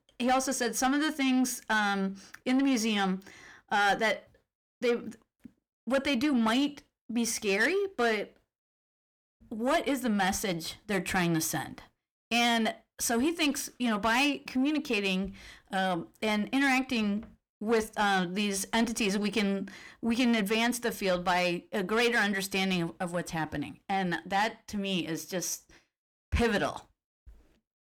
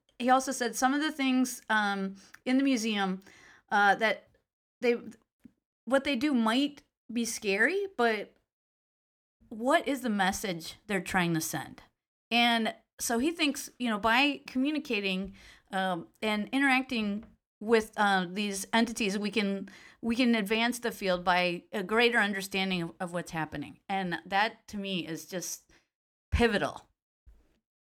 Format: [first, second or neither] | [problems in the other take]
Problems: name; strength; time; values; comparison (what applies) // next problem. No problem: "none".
second | distortion; slight; 10 dB below the speech